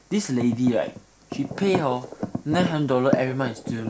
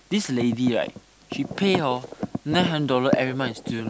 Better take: second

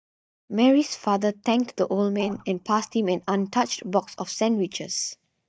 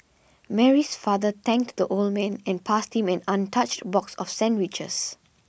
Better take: second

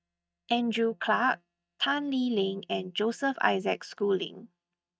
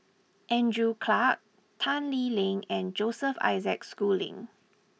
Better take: second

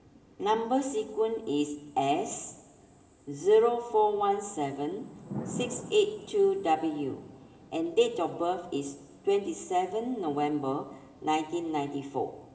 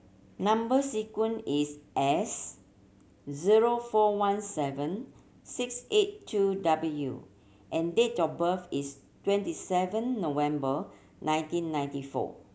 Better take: second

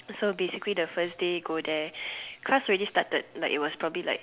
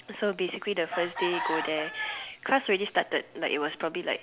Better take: first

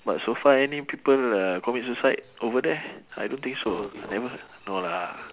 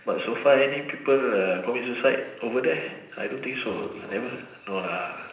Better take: first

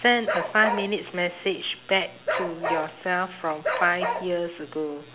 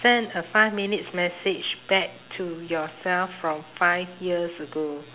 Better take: second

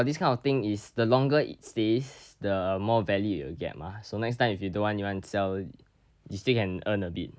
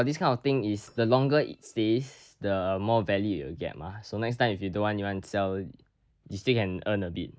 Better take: first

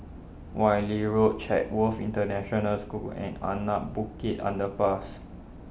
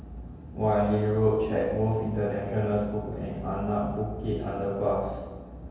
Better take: first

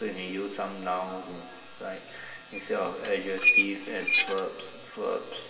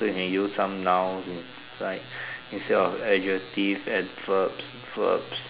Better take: second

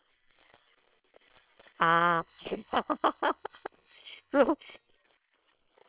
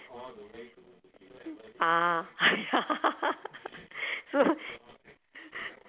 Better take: second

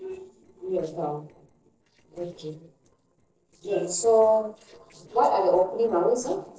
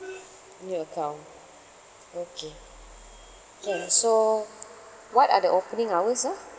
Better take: second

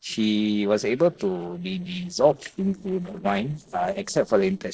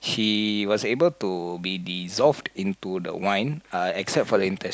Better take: second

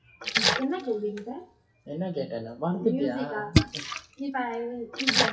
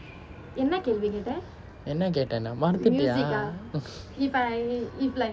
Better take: second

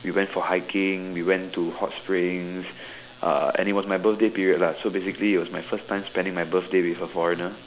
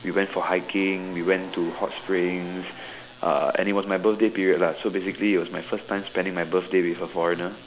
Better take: first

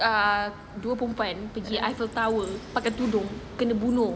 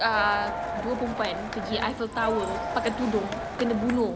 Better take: first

